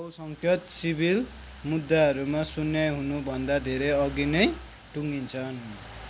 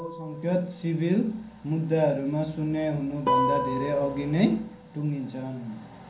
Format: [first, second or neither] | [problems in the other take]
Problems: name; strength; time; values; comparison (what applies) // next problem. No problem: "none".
first | background sound (Guitar); 6 dB below the speech // room echo; dies away in 0.6 s